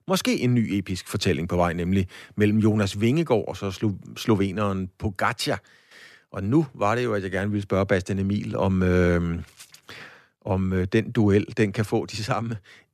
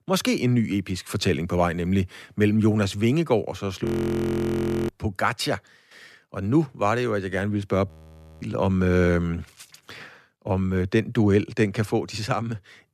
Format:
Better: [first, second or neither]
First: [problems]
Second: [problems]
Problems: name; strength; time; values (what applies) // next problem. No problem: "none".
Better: first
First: none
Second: audio freezing; at 4 s for 1 s and at 8 s for 0.5 s